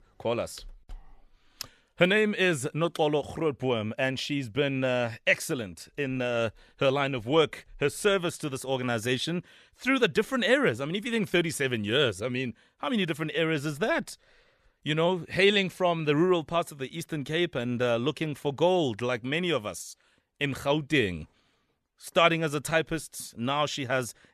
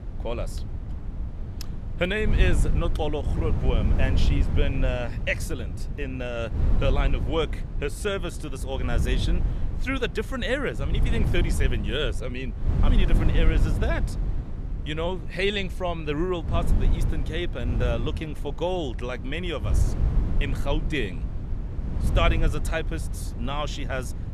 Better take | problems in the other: first | wind noise on the microphone; occasional gusts; 10 dB below the speech

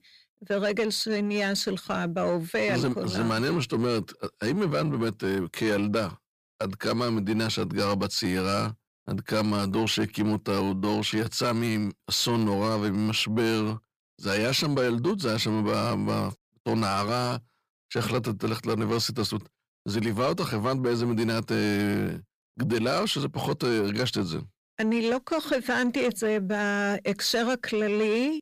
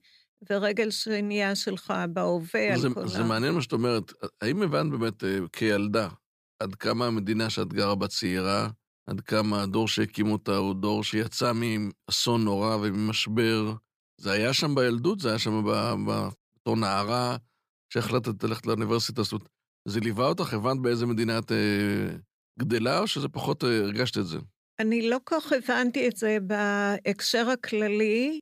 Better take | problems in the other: second | distortion; slight; 10 dB below the speech

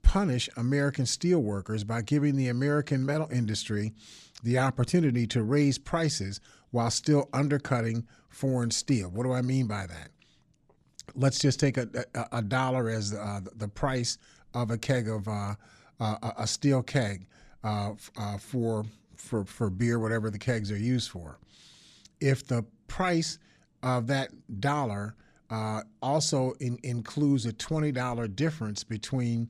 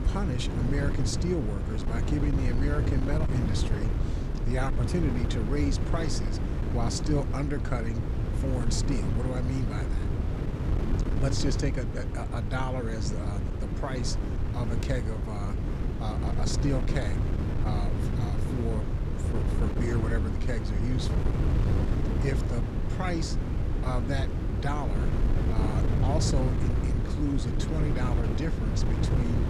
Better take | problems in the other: first | wind noise on the microphone; heavy; 2 dB below the speech

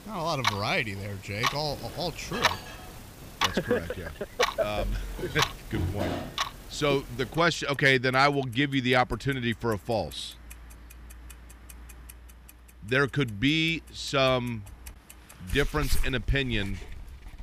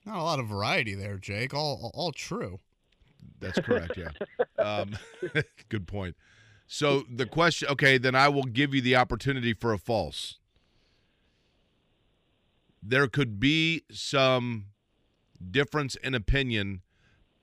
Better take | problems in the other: second | household noises; loud; throughout; 5 dB below the speech

